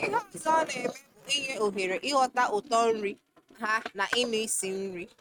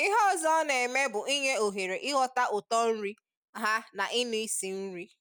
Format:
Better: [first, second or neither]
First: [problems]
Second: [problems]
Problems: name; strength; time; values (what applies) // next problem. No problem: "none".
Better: second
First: noise reduction (neural mask model RNNoise)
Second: none